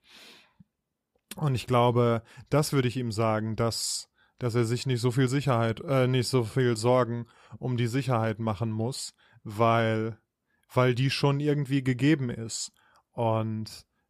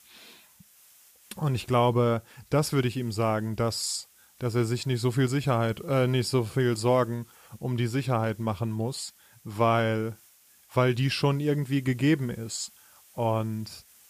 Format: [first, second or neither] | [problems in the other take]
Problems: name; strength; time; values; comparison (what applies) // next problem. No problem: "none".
first | hiss; faint; throughout; 25 dB below the speech